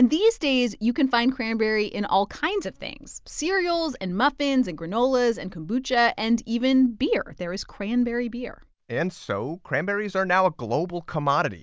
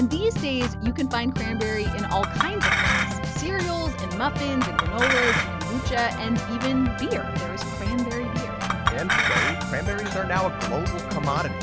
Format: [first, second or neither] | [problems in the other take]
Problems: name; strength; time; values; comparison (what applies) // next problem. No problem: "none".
first | background sound (Organ + Chink, clink); 2 dB above the speech